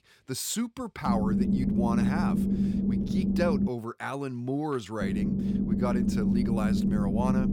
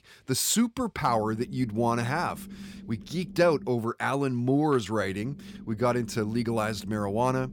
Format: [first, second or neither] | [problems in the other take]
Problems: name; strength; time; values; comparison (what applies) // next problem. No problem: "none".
second | low rumble; loud; from 1 to 3.5 s and from 5 s on; as loud as the speech; faint in the second